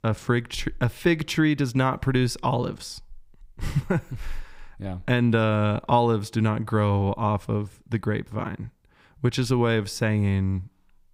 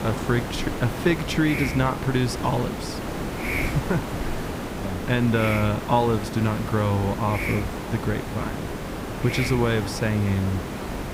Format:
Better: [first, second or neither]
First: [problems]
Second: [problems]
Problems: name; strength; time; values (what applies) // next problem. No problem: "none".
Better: first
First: none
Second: hiss; loud; throughout; 5 dB below the speech